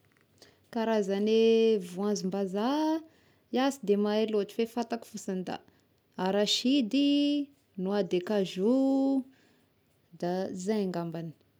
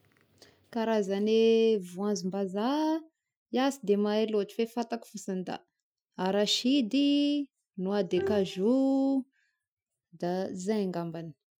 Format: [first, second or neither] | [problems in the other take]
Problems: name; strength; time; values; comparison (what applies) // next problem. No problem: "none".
first | noise reduction (classical method Wiener filter)